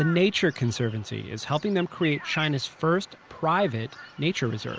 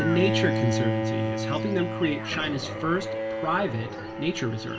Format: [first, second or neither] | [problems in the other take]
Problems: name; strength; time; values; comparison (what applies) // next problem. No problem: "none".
first | background sound (Bowed string instrument); 1 dB below the speech // room echo; dies away in 0.2 s